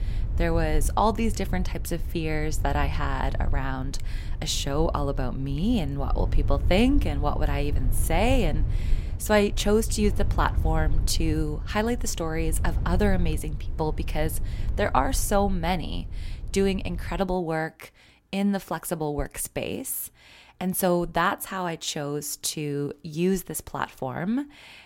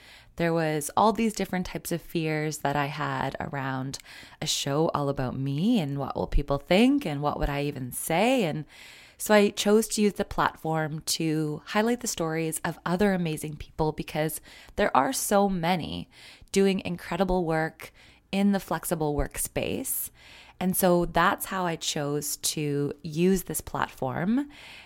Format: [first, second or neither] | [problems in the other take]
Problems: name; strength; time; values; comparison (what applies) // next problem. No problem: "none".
second | low rumble; noticeable; until 17 s; 20 dB below the speech